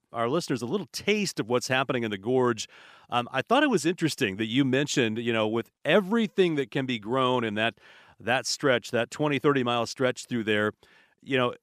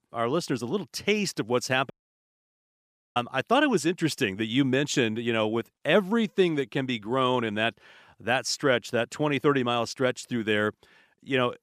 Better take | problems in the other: first | audio cutting out; at 2 s for 1.5 s

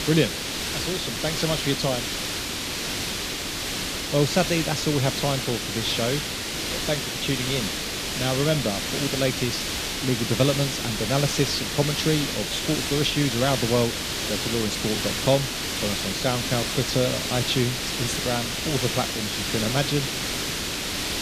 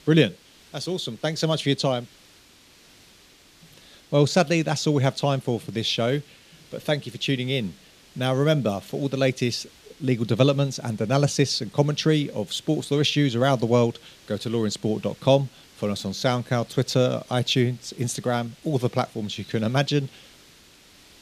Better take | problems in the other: second | hiss; loud; throughout; as loud as the speech; faint in the second

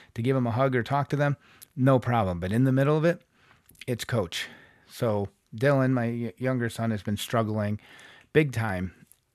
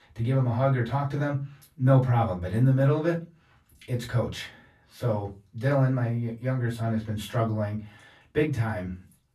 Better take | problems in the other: first | off-mic speech; far // room echo; very slight; dies away in 0.2 s

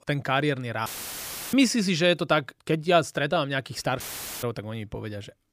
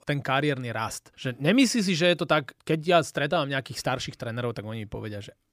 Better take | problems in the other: second | audio cutting out; filled with static; at 1 s for 0.5 s and at 4 s

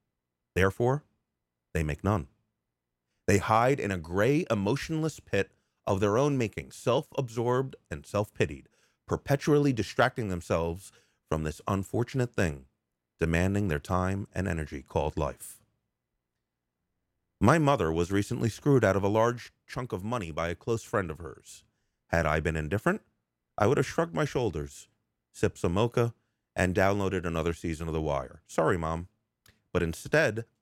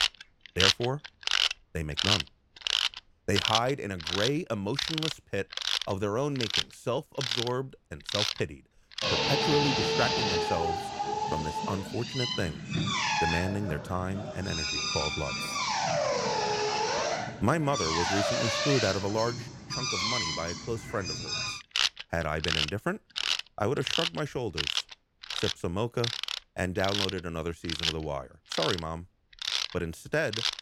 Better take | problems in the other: first | machinery noise; very loud; throughout; 3 dB above the speech

